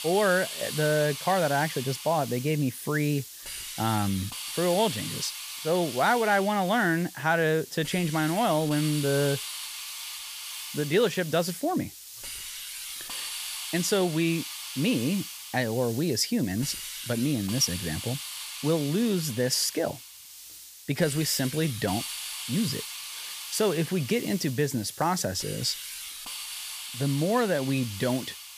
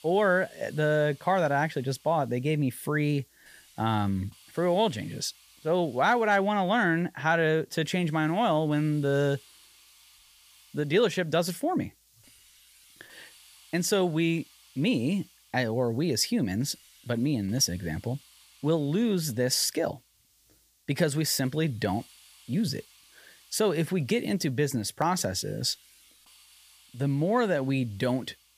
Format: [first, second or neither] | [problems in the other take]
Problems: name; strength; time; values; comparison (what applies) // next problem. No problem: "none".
second | hiss; loud; throughout; 8 dB below the speech; faint in the second